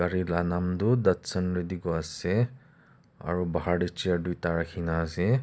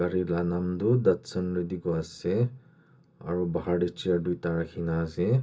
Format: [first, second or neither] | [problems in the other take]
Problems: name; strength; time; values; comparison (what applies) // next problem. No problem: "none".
first | room echo; dies away in 0.2 s